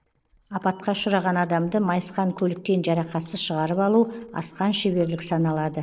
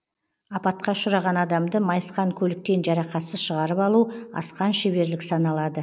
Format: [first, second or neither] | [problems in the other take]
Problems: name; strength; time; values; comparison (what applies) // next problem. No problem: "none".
second | noise reduction (neural separator model SepFormer DNS4)